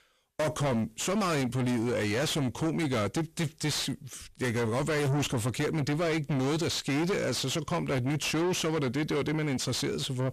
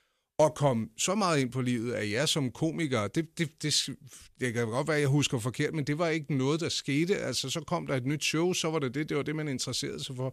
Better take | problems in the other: second | distortion; heavy; 6 dB below the speech

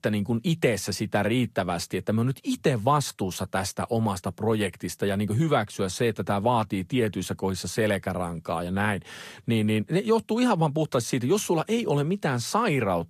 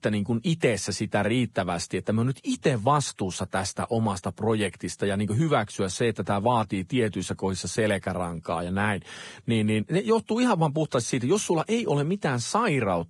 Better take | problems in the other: first | garbled, watery; badly; nothing above 10.5 kHz; slightly in the first

